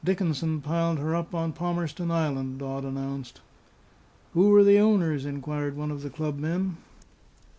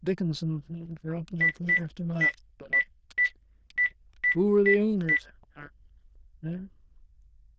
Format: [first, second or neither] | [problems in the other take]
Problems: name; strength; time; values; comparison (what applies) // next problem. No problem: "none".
first | noise reduction (neural diffusion model UNIVERSE++)